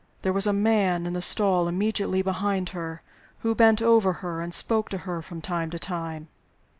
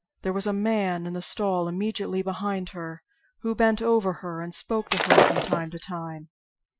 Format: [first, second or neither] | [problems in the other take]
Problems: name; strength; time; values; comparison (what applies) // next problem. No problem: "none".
first | noise reduction (classical method Wiener filter)